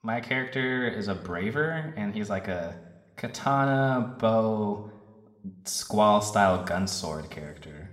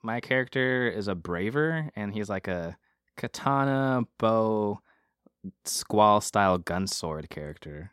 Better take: second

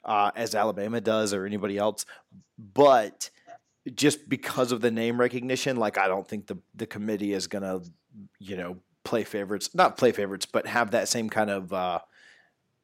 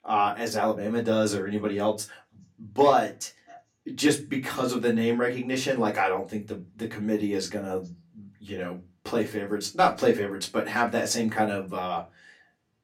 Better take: first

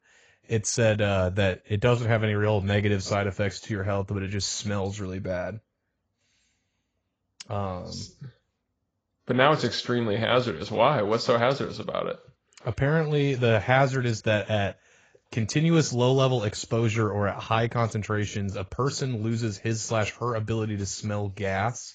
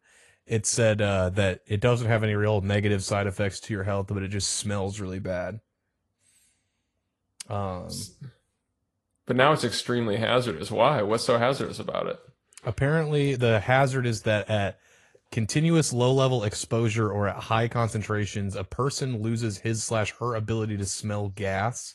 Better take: second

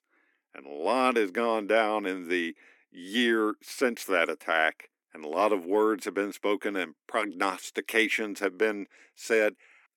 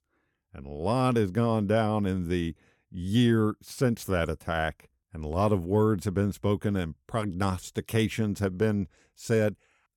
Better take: second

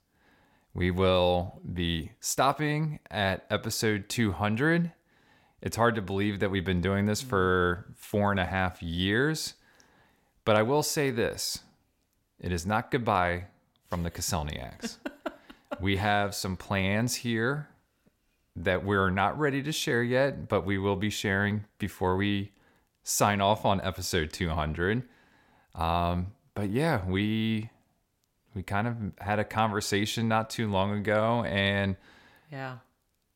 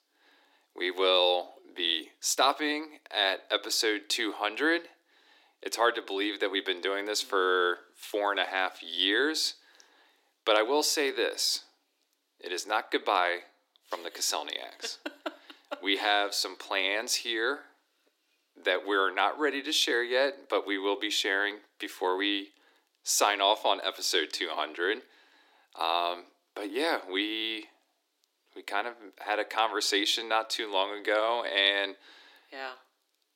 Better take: first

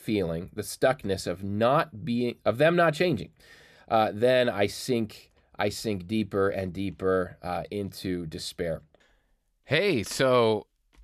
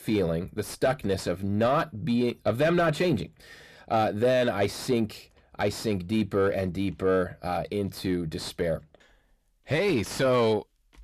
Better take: first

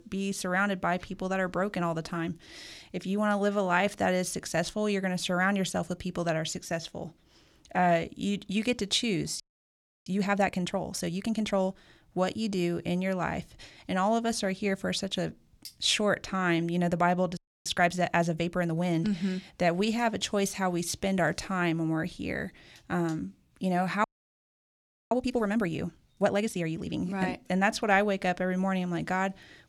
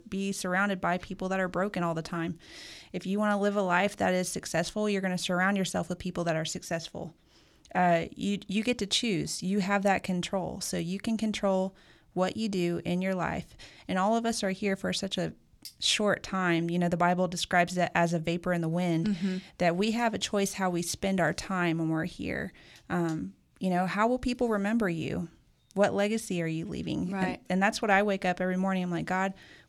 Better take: second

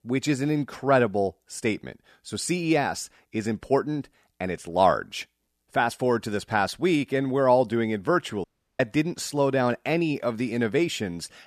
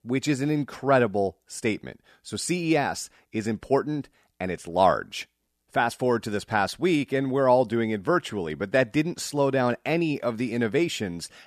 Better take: second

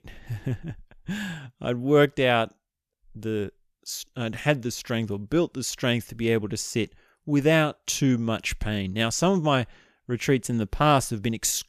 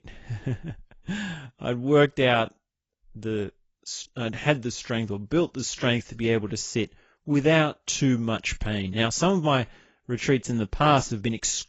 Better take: first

